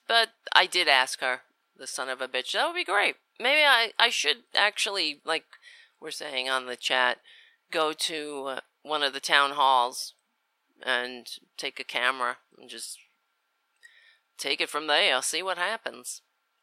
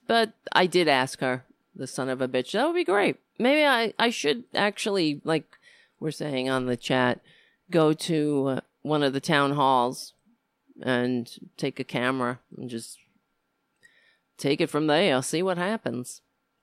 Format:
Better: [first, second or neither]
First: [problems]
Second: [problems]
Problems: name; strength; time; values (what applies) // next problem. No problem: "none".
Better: second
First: thin; very; fading below 850 Hz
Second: none